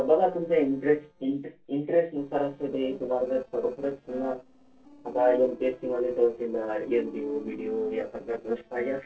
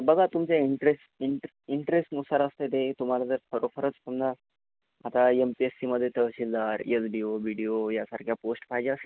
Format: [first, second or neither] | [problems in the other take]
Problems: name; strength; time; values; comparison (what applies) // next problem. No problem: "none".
second | noise reduction (neural separator model SepFormer DNS4)